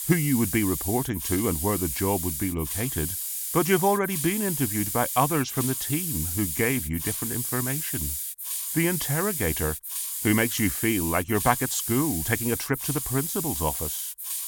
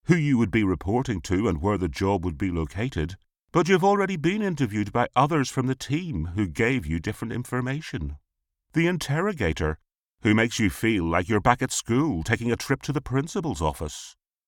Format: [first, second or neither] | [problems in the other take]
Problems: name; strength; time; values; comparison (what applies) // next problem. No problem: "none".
second | hiss; loud; throughout; 2 dB below the speech